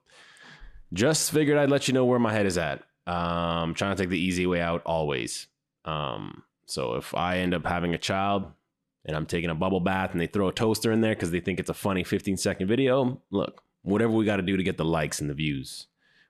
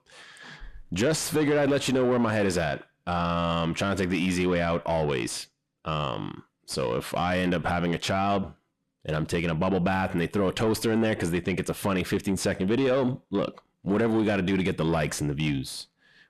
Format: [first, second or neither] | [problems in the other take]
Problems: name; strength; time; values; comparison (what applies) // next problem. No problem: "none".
first | distortion; slight; 10 dB below the speech